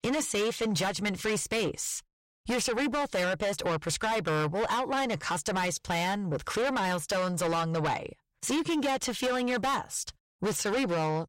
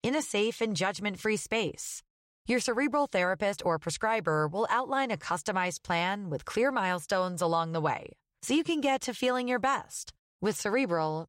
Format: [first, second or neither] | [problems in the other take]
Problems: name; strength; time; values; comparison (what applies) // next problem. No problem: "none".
second | distortion; heavy; 6 dB below the speech